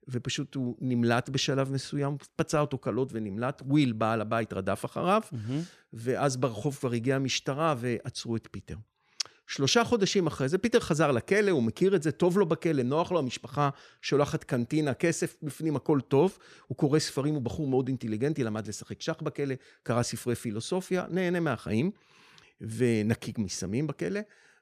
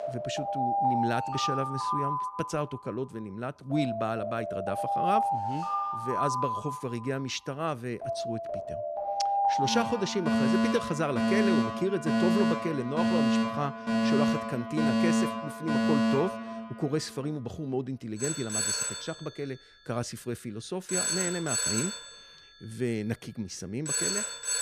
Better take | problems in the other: first | alarms or sirens; very loud; throughout; 4 dB above the speech

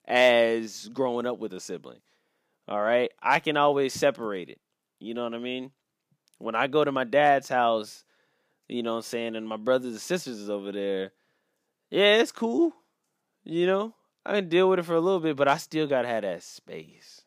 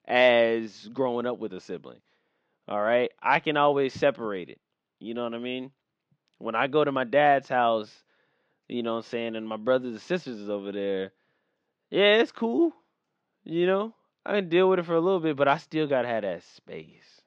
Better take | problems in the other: first | muffled; slightly; fading above 4 kHz

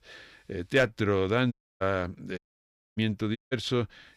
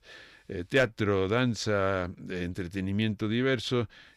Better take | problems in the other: second | audio cutting out; at 1.5 s, at 2.5 s for 0.5 s and at 3.5 s

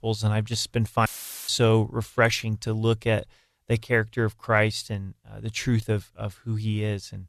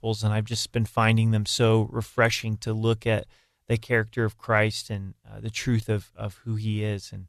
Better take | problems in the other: second | audio cutting out; filled with static; at 1 s

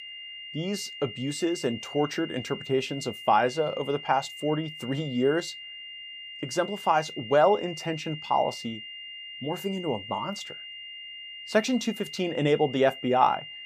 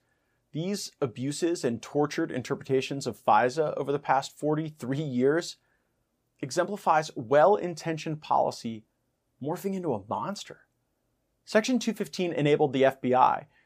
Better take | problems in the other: second | high-pitched whine; noticeable; throughout; 3 kHz, 10 dB below the speech

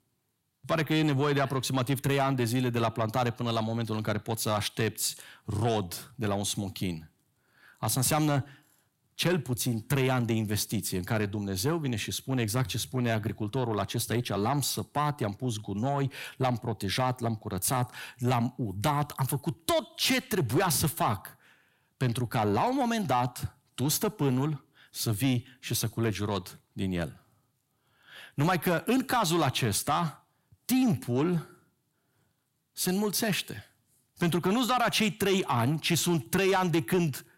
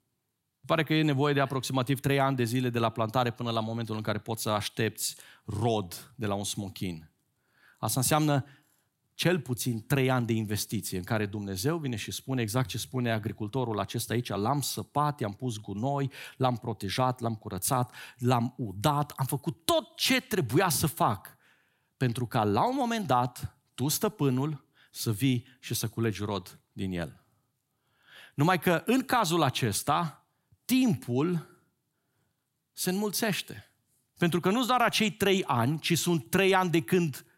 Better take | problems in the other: second | distortion; slight; 10 dB below the speech

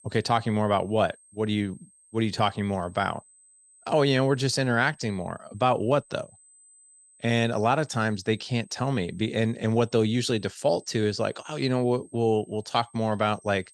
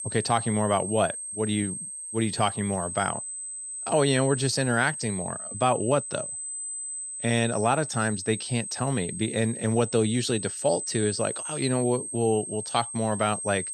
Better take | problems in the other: first | high-pitched whine; loud; throughout; 8 kHz, 6 dB below the speech; faint in the first

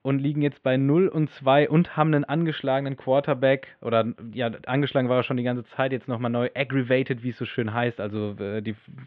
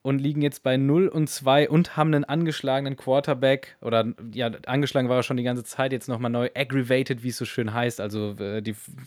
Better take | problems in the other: second | muffled; very; fading above 3 kHz

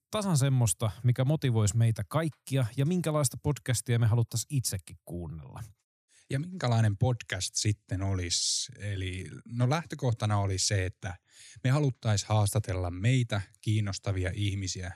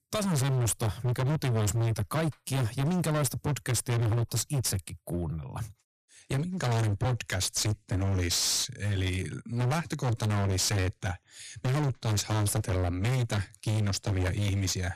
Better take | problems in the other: first | distortion; heavy; 33% of the sound clipped

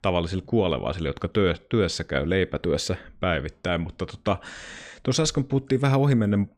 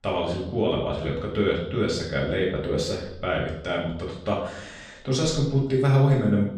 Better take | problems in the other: first | room echo; noticeable; dies away in 0.6 s // off-mic speech; far

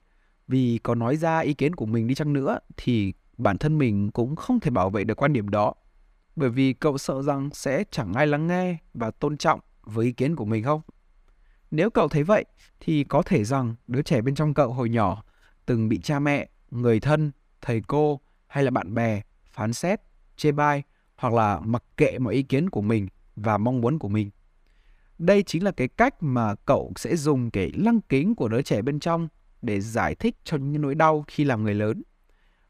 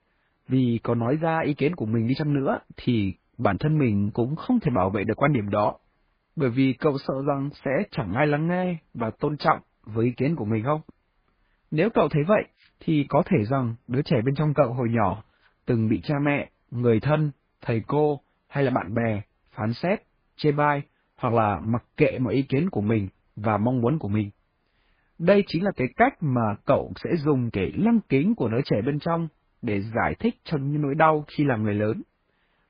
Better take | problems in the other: first | garbled, watery; badly

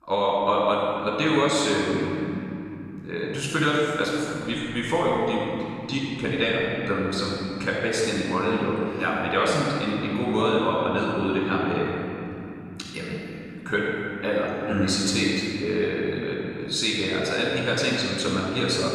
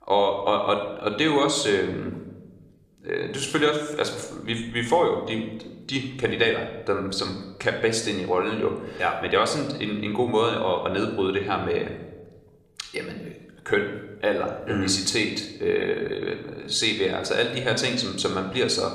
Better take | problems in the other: second | room echo; strong; dies away in 3 s; slight in the second // off-mic speech; far

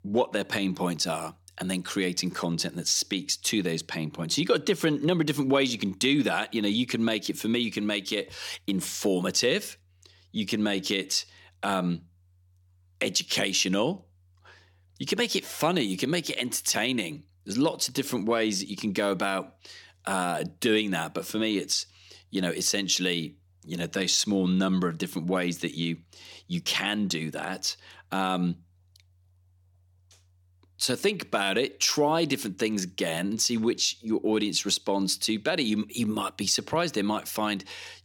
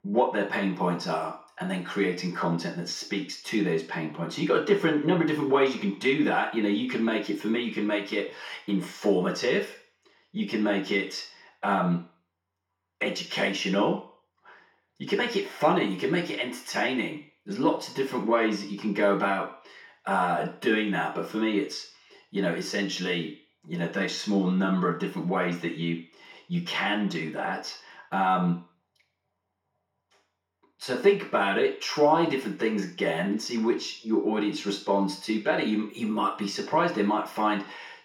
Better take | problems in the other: first | room echo; slight; dies away in 0.5 s // off-mic speech; far

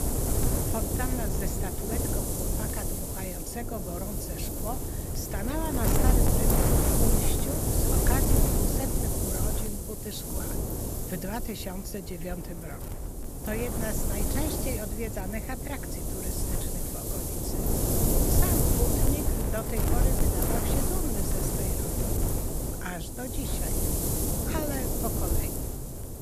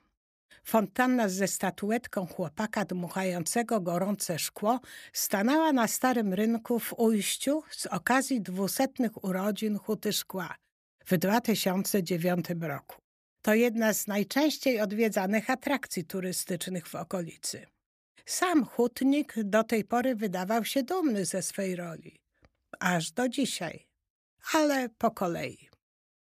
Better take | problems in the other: second | wind noise on the microphone; heavy; 5 dB above the speech

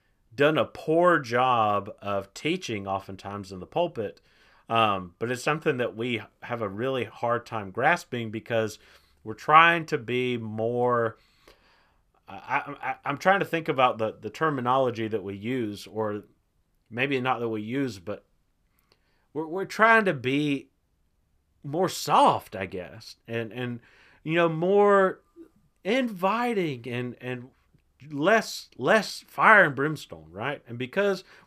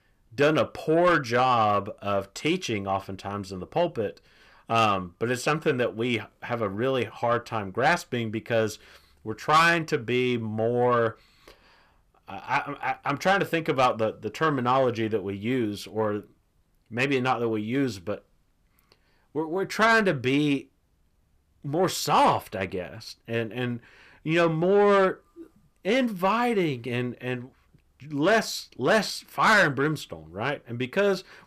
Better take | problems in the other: first | distortion; slight; 10 dB below the speech

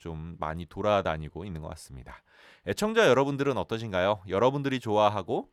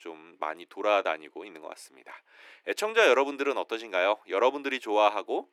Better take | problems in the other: first | thin; somewhat; fading below 300 Hz

